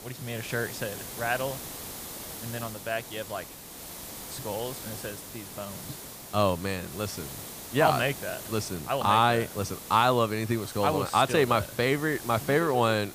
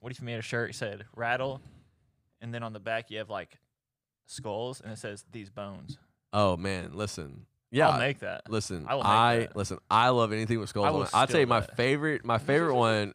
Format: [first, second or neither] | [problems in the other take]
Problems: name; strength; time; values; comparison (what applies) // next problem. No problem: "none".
second | hiss; noticeable; throughout; 10 dB below the speech